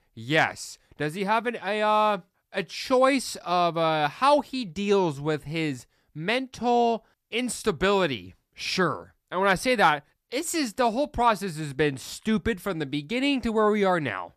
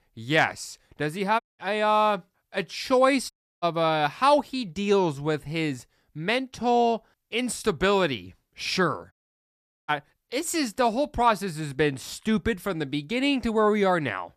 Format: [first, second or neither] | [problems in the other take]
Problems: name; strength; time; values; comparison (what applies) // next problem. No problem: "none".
first | audio cutting out; at 1.5 s, at 3.5 s and at 9 s for 1 s